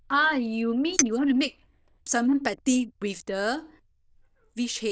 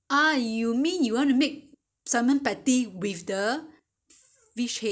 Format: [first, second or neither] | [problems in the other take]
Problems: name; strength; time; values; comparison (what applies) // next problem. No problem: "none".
second | noise reduction (neural diffusion model UNIVERSE++)